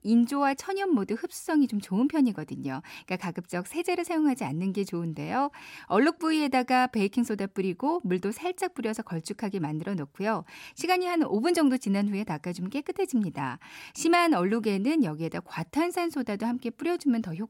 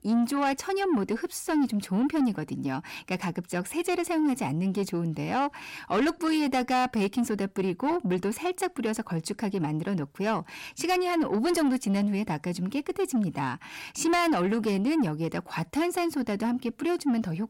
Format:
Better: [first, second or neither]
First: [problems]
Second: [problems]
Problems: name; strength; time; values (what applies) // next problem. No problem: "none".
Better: first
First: none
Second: distortion; slight; 10 dB below the speech